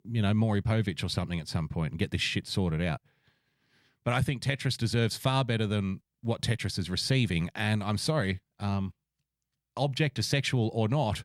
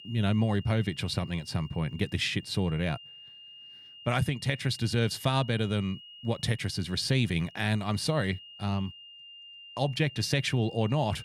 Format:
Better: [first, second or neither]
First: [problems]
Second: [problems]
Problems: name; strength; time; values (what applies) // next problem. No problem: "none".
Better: first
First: none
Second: high-pitched whine; noticeable; throughout; 3 kHz, 15 dB below the speech